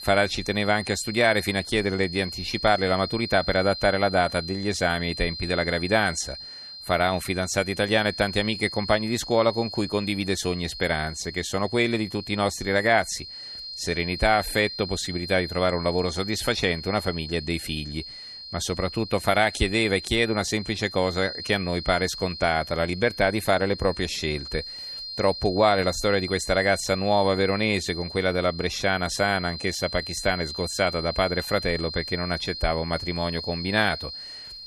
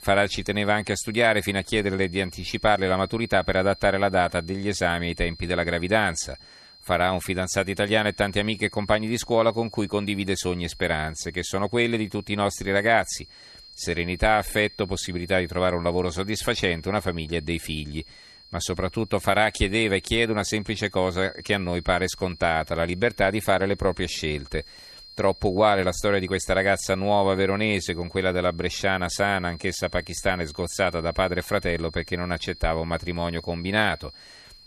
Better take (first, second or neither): second